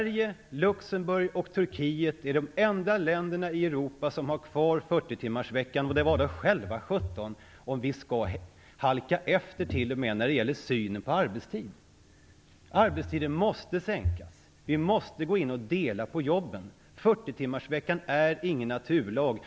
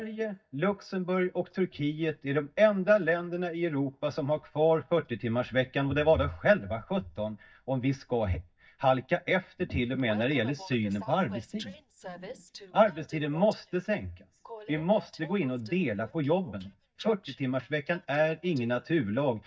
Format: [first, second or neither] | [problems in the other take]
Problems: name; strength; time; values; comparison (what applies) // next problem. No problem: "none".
first | noise reduction (neural mask model DeepFilterNet 3)